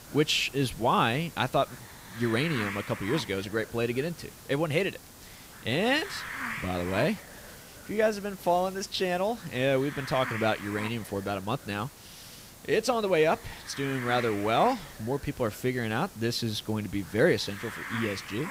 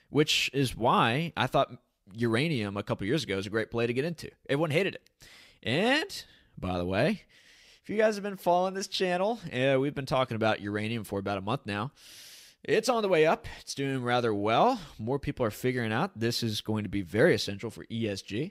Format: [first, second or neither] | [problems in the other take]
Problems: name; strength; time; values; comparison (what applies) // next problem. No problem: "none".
second | hiss; noticeable; throughout; 10 dB below the speech